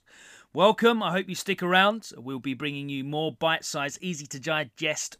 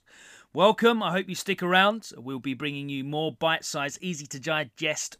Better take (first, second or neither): neither